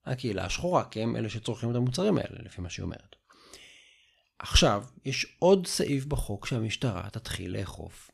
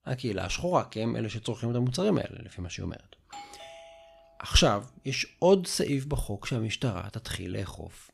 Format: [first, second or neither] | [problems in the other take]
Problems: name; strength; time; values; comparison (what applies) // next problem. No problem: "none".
first | doorbell; faint; from 3 to 4.5 s; peak 15 dB below the speech